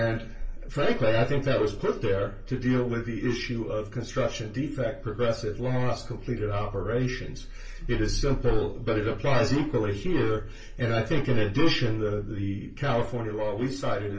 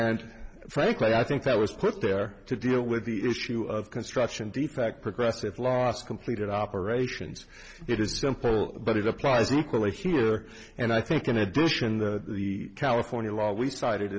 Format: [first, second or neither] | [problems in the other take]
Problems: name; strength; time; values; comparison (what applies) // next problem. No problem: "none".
second | room echo; dies away in 0.3 s